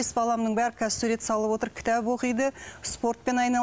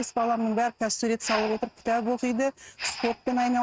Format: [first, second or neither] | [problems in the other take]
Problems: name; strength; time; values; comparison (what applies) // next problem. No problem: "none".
first | noise reduction (neural mask model RNNoise)